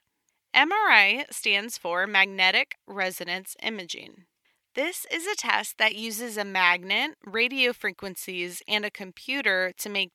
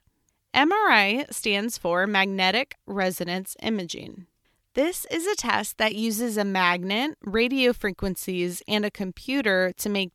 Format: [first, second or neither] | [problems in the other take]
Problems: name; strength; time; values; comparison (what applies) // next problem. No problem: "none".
second | thin; somewhat; fading below 1 kHz